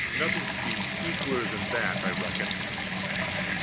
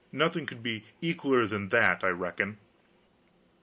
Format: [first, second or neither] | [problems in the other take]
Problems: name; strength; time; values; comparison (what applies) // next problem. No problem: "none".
second | background sound (Bathtub (filling or washing) / Water tap, faucet); 5 dB above the speech